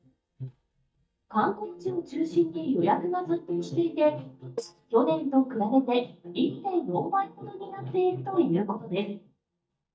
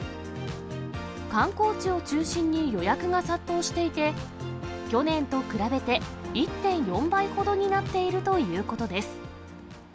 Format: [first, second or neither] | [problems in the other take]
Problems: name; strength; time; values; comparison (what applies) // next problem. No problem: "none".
second | noise reduction (neural mask model DeepFilterNet 3)